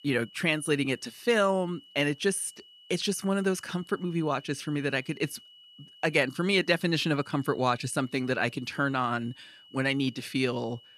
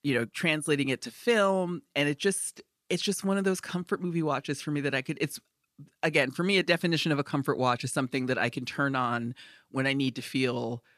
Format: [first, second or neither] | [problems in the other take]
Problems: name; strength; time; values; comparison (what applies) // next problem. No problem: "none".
second | high-pitched whine; faint; throughout; 3 kHz, 25 dB below the speech